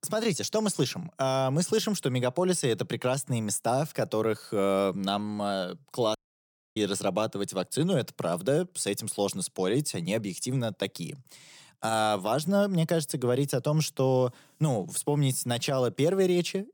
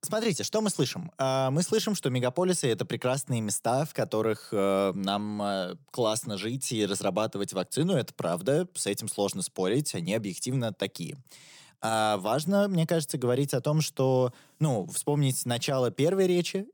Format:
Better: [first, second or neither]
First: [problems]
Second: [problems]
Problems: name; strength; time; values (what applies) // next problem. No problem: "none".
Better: second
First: audio cutting out; at 6 s for 0.5 s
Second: none